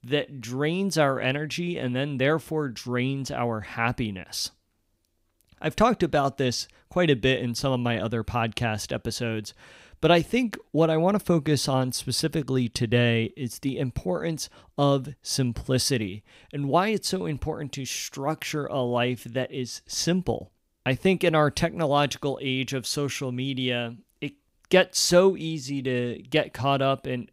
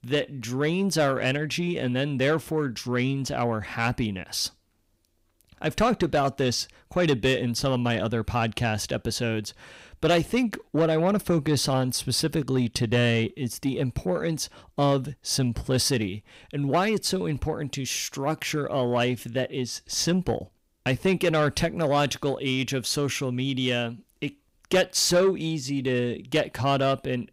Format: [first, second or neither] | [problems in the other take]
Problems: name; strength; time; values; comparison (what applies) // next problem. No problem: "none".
first | distortion; slight; 10 dB below the speech